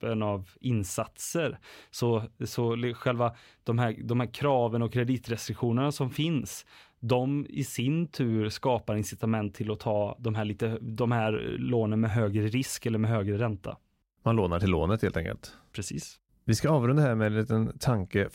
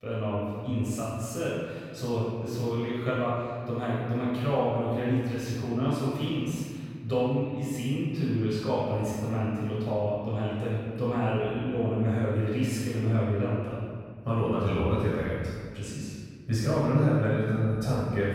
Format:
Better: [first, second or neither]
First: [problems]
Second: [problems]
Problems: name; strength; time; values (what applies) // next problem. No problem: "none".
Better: first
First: none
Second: off-mic speech; far // room echo; strong; dies away in 1.8 s